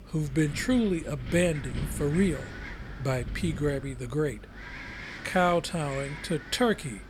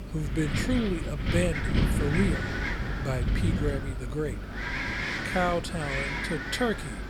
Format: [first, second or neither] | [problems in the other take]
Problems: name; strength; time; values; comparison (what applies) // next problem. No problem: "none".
first | wind noise on the microphone; heavy; as loud as the speech; occasional gusts in the first